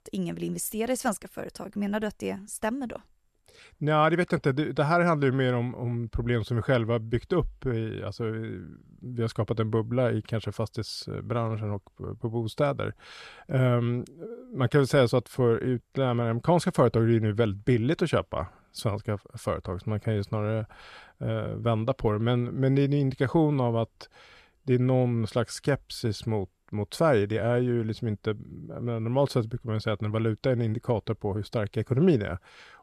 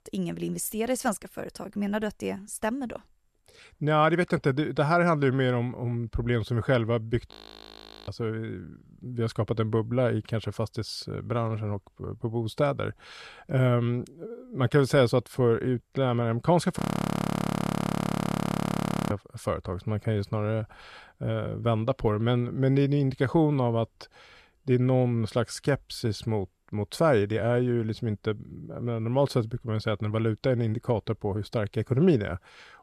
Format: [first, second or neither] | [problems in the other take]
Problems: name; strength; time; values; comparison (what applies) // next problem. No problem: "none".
first | audio freezing; at 7.5 s for 1 s and at 17 s for 2.5 s